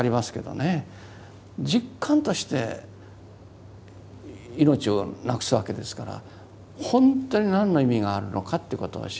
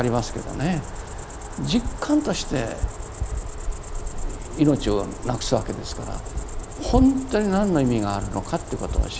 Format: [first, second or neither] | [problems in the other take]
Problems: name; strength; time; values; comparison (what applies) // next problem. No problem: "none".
first | background sound (Cricket); 5 dB below the speech